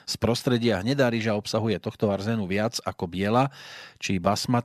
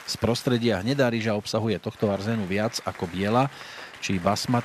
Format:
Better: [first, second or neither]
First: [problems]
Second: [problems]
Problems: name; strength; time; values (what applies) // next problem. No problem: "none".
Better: first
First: none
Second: crowd noise; noticeable; throughout; 20 dB below the speech